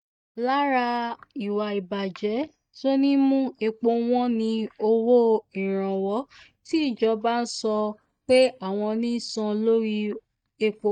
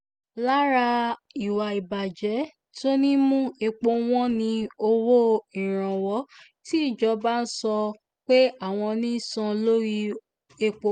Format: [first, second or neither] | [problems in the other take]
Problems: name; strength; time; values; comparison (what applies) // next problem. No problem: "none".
second | noise reduction (neural mask model DeepFilterNet 3)